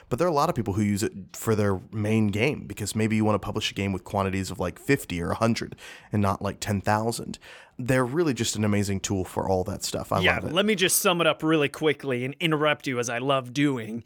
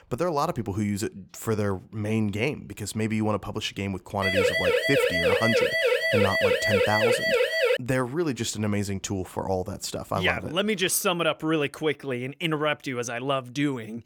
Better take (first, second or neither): first